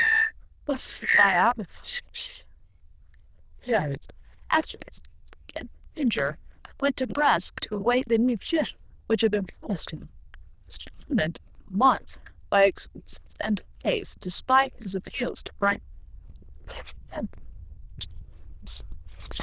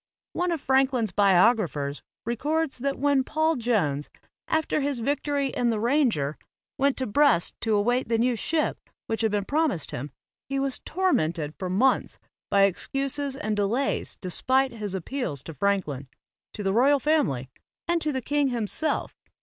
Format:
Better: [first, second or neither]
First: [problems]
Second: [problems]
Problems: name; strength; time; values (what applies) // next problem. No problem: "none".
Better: second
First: noise reduction (neural diffusion model UNIVERSE++)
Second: none